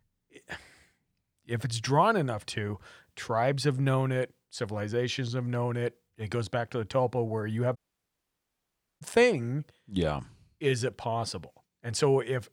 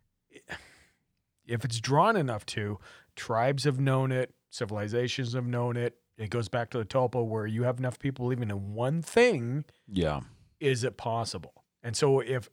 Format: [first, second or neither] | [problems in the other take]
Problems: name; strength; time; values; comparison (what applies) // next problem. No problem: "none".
second | audio cutting out; at 8 s for 1.5 s